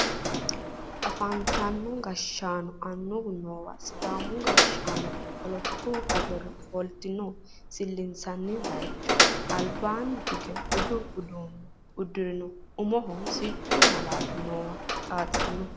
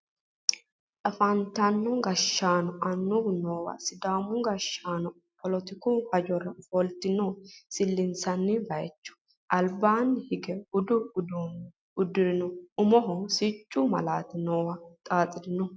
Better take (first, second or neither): second